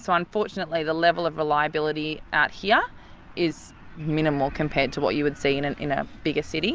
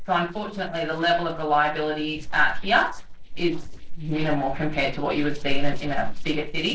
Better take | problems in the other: first | noise reduction (neural separator model SepFormer DNS4)

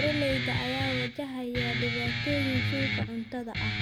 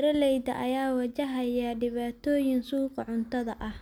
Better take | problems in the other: second | background sound (Guitar); 2 dB above the speech

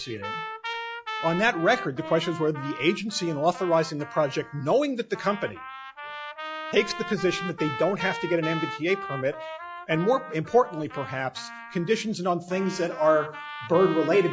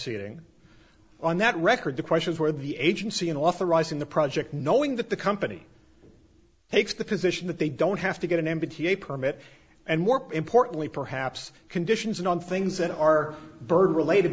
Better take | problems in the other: second | noise reduction (classical method log-MMSE)

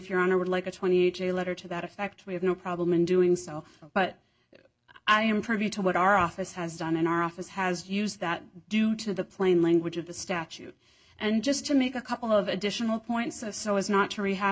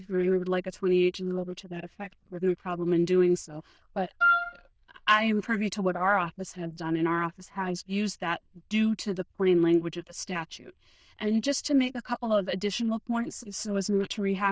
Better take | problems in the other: first | noise reduction (neural diffusion model UNIVERSE++)

